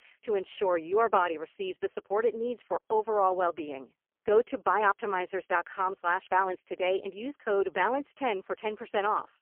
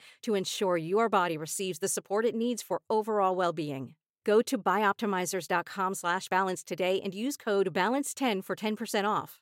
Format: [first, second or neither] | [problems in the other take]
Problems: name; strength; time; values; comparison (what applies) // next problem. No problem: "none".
second | phone-call audio; poor line; nothing above 3 kHz